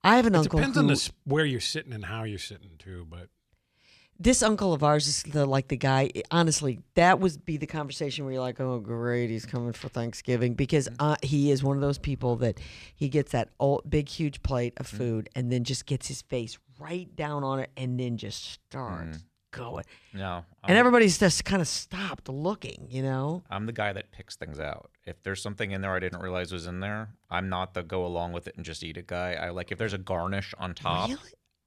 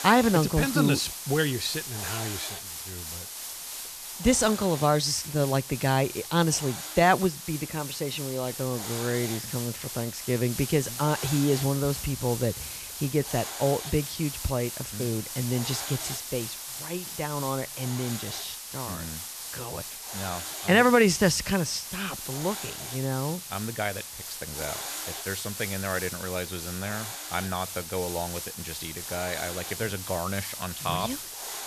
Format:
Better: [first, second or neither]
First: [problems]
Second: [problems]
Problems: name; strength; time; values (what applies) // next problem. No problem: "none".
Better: first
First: none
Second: hiss; loud; throughout; 7 dB below the speech